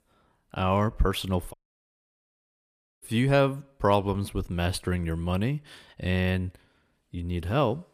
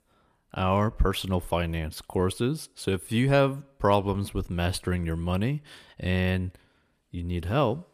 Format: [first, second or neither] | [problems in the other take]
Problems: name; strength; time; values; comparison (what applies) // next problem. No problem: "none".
second | audio cutting out; at 1.5 s for 1.5 s